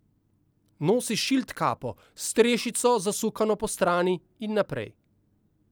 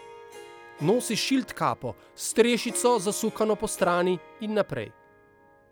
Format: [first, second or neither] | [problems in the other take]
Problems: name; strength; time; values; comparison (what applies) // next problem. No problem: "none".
first | background sound (Harp); 19 dB below the speech